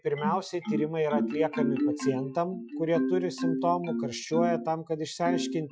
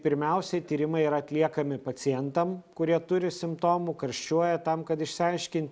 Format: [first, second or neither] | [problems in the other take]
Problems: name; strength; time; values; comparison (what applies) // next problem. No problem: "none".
second | noise reduction (classical method Wiener filter)